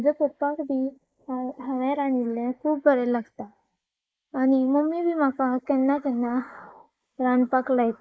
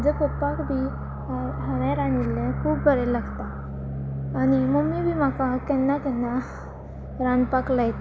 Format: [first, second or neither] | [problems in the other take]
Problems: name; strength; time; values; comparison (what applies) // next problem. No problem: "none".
second | noise reduction (neural mask model Resemble Enhance denoiser)